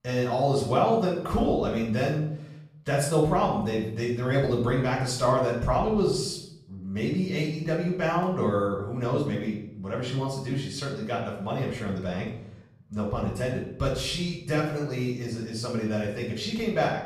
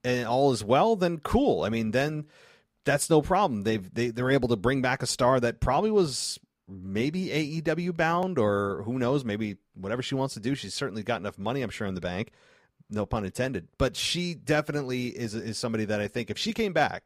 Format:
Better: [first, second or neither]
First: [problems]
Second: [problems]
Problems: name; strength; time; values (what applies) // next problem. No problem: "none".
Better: second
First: off-mic speech; far // room echo; noticeable; dies away in 0.7 s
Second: none